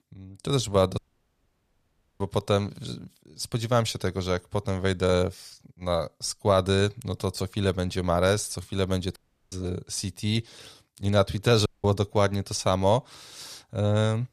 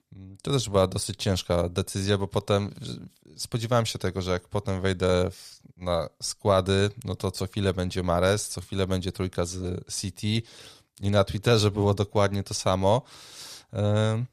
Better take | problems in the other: second | audio cutting out; at 1 s for 1 s, at 9 s and at 12 s

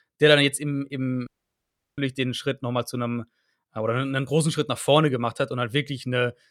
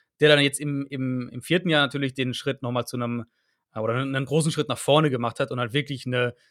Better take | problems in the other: second | audio cutting out; at 1.5 s for 0.5 s

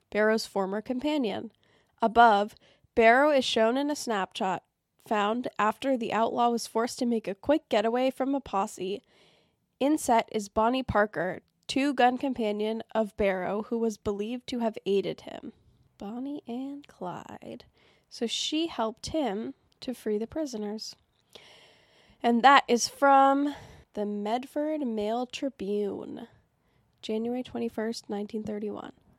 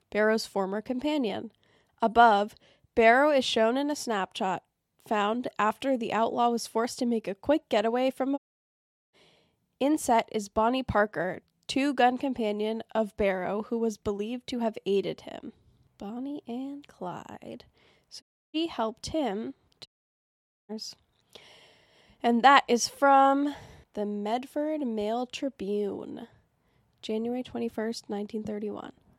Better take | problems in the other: first | audio cutting out; at 8.5 s for 0.5 s, at 18 s and at 20 s for 1 s

